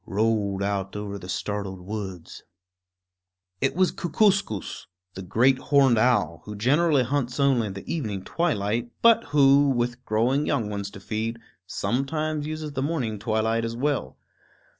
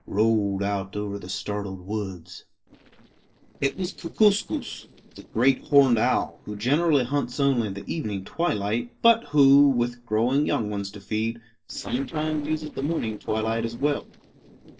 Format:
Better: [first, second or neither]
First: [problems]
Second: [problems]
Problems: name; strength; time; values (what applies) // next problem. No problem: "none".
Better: first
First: none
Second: noise reduction (neural separator model SepFormer DNS4)